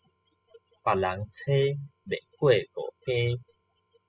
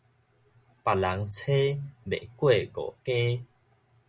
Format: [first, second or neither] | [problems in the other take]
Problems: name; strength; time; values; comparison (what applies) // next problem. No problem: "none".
second | noise reduction (classical method spectral subtraction)